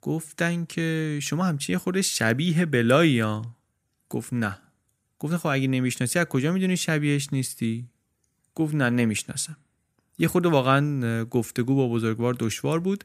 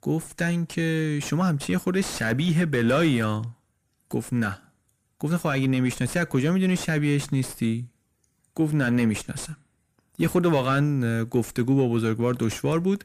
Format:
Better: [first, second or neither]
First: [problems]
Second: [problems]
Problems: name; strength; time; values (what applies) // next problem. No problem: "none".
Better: first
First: none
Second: distortion; slight; 10 dB below the speech